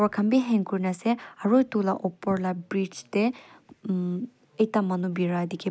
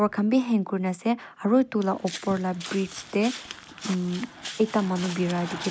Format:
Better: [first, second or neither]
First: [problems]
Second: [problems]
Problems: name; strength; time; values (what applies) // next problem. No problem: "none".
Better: first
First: none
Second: background sound (Walk, footsteps); 13 dB below the speech